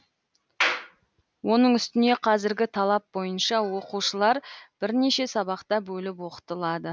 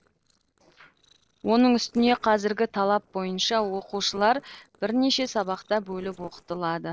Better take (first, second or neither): first